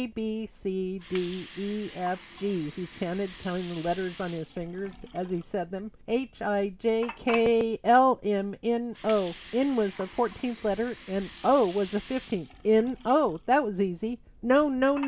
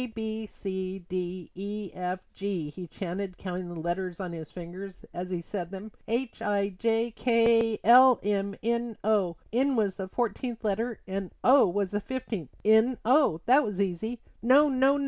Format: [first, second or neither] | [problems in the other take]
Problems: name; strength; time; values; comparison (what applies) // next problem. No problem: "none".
second | background sound (Water); 19 dB below the speech